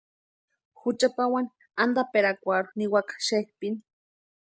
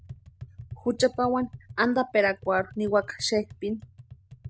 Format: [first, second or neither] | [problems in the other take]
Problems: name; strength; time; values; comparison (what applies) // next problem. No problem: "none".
first | background sound (Tap); 18 dB below the speech